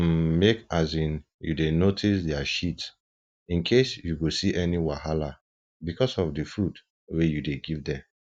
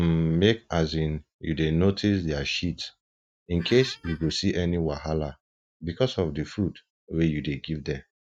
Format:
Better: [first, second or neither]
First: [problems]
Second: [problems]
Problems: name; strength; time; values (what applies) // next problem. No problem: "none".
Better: first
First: none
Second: noise reduction (neural mask model RNNoise)